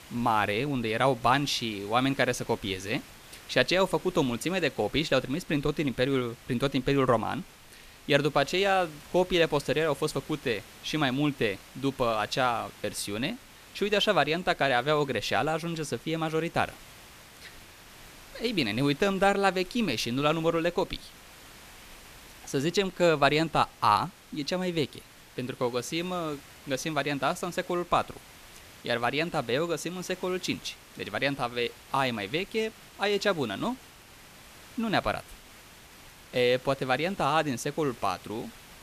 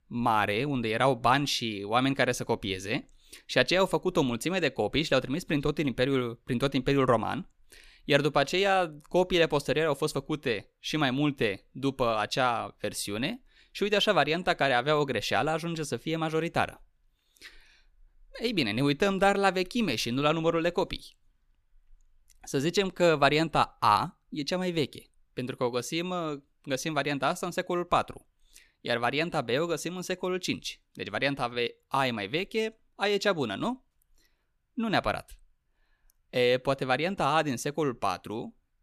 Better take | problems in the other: second | hiss; faint; throughout; 20 dB below the speech

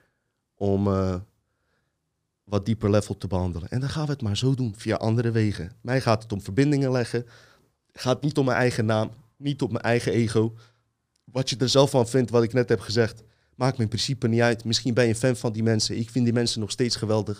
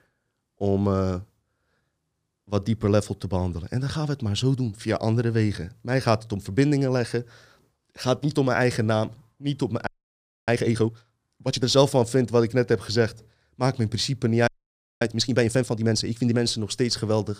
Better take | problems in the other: first | audio freezing; at 10 s for 0.5 s and at 14 s for 0.5 s

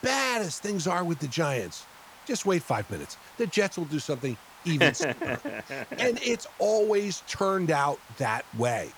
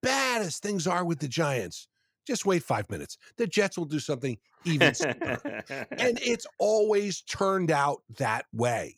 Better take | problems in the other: second | hiss; faint; throughout; 20 dB below the speech

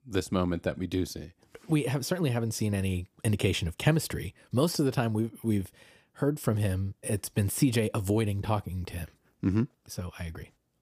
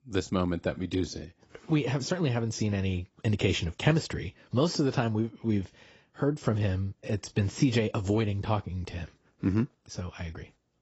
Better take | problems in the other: first | garbled, watery; badly; nothing above 8 kHz

